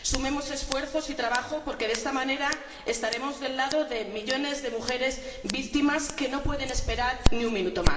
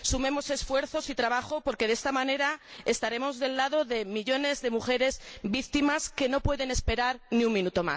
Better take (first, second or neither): second